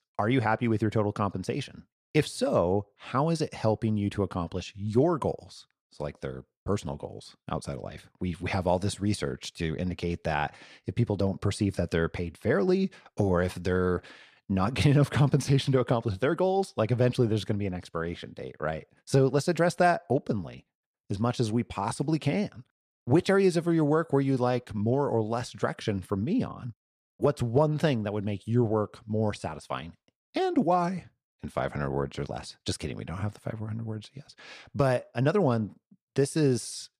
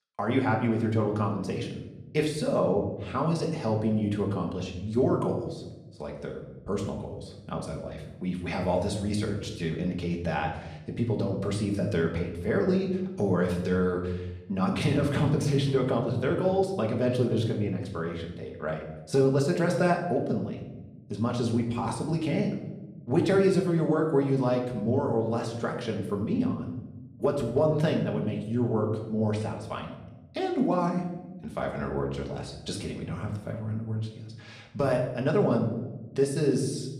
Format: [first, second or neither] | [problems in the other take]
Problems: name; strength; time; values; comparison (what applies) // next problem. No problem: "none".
first | room echo; slight; dies away in 0.9 s // off-mic speech; somewhat distant